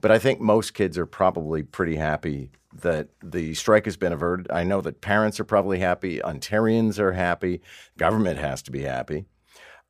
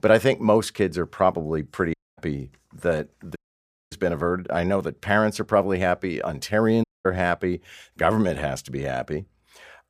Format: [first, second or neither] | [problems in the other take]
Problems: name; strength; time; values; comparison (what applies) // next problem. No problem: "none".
first | audio cutting out; at 2 s, at 3.5 s for 0.5 s and at 7 s